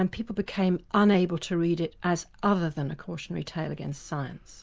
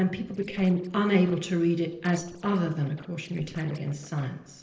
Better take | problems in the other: first | noise reduction (neural separator model SepFormer DNS4)

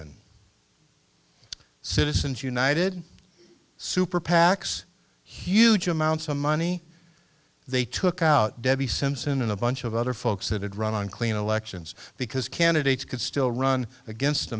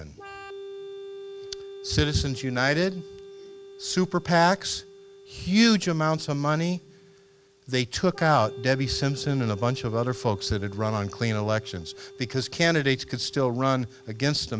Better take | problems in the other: first | background sound (Organ); 17 dB below the speech

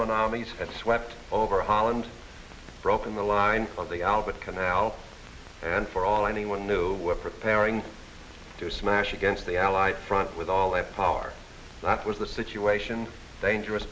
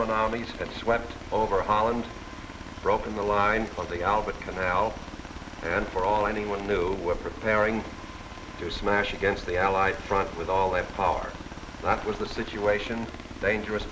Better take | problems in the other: first | background sound (Aircraft); 13 dB below the speech

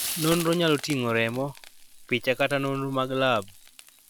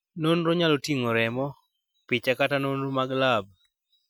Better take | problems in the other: second | background sound (Frying (food)); 12 dB below the speech

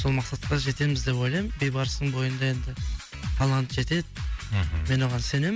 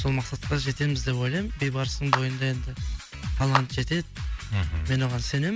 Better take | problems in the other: first | background sound (Clapping); 7 dB below the speech

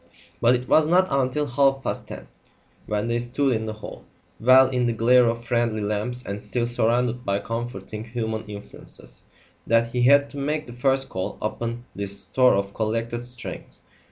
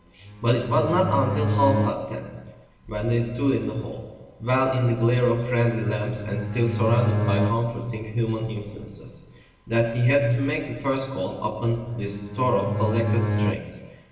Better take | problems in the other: first | background sound (Bowed string instrument); 2 dB below the speech // room echo; dies away in 1.3 s

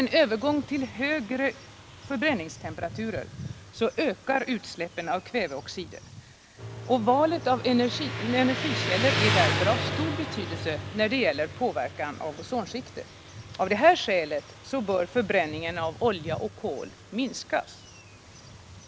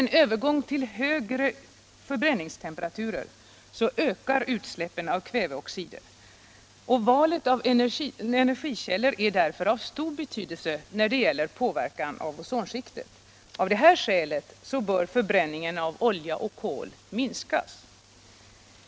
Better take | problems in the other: second | background sound (Motorcycle); 7 dB below the speech

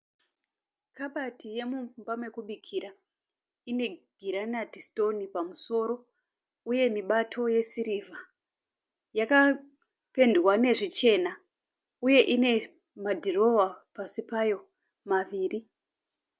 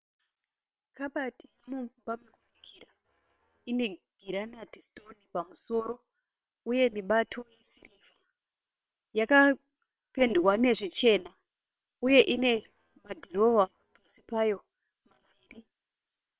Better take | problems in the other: first | noise reduction (neural separator model SepFormer WHAM!)

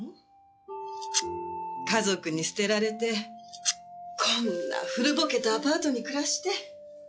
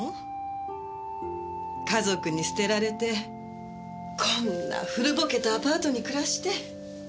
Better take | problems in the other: second | noise reduction (classical method log-MMSE)

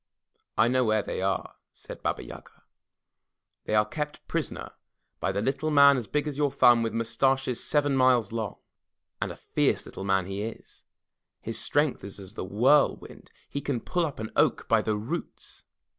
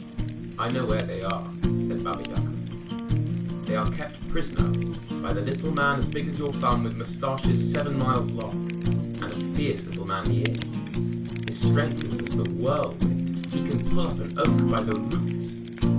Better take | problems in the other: first | background sound (Fire); 3 dB above the speech // room echo; dies away in 0.3 s

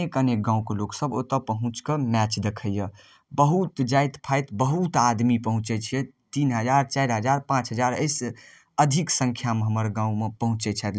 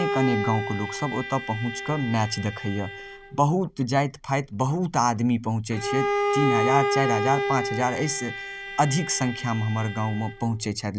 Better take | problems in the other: first | background sound (Bowed string instrument); 4 dB below the speech

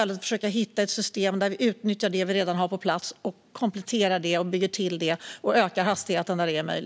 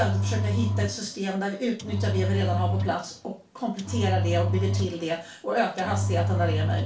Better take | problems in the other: first | background sound (Engine); 2 dB above the speech // room echo; dies away in 0.3 s

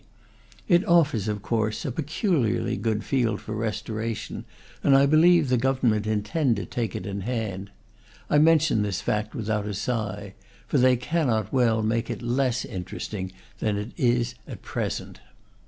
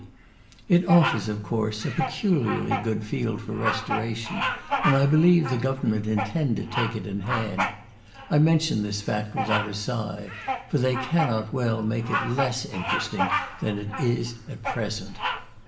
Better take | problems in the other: first | background sound (Bird vocalization, bird call, bird song); 6 dB below the speech // room echo; dies away in 2 s

